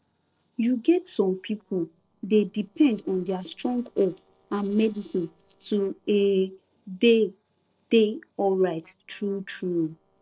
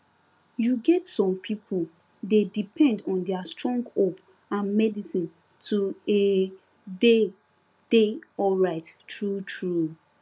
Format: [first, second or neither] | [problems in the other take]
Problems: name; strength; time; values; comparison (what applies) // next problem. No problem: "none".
second | noise reduction (neural separator model SepFormer DNS4)